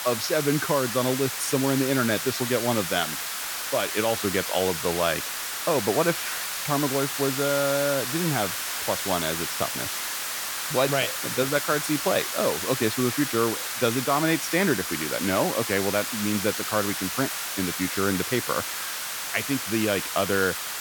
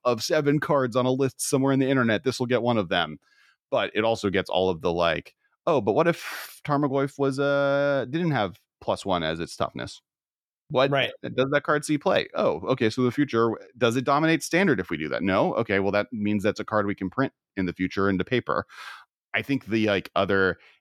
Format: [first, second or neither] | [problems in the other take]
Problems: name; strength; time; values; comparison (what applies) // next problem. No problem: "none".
second | hiss; loud; throughout; 2 dB below the speech